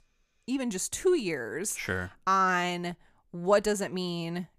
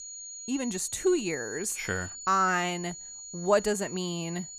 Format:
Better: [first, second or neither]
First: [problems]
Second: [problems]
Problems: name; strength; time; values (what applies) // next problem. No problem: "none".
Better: first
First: none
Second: high-pitched whine; noticeable; throughout; 7 kHz, 10 dB below the speech